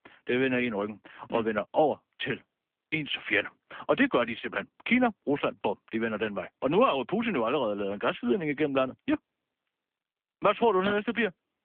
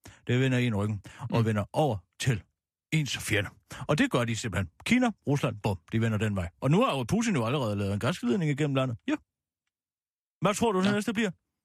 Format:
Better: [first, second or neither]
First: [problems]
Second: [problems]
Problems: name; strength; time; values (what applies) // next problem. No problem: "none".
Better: second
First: phone-call audio; nothing above 3.5 kHz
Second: none